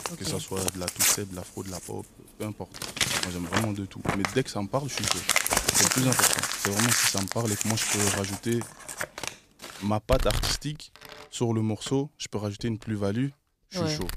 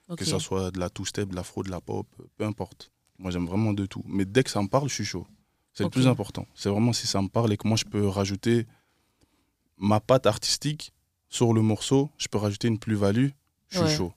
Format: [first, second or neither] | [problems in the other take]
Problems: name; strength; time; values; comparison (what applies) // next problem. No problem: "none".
second | household noises; very loud; throughout; 5 dB above the speech